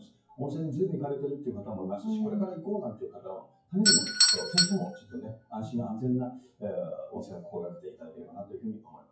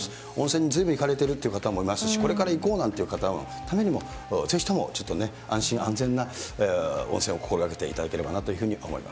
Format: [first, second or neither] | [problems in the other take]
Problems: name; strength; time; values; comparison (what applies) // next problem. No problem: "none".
second | noise reduction (classical method WPE with log-MMSE)